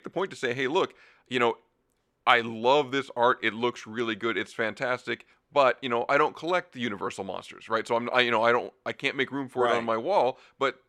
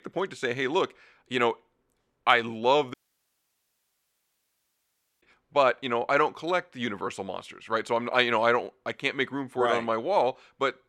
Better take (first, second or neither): first